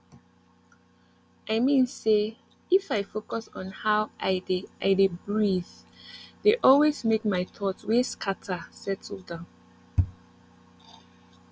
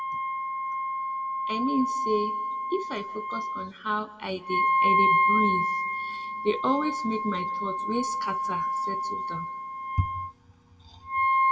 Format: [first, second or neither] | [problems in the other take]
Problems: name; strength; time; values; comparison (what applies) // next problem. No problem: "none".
first | background sound (Wind instrument, woodwind instrument); 5 dB above the speech // room echo; dies away in 1.2 s